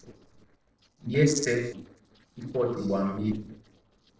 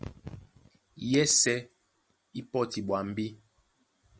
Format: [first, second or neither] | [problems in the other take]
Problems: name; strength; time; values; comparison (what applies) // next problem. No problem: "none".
second | noise reduction (neural separator model SepFormer DNS4)